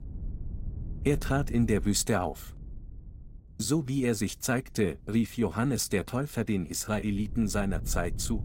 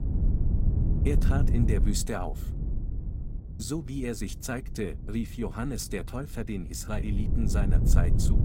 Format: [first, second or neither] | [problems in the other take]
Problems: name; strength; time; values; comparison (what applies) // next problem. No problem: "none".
first | low rumble; loud; throughout; 5 dB below the speech; faint in the first